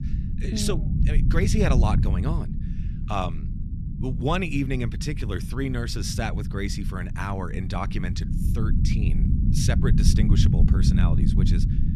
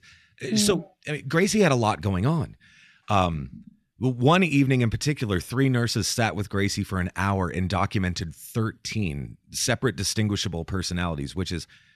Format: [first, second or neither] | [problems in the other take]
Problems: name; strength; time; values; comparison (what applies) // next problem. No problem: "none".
second | low rumble; loud; throughout; 6 dB below the speech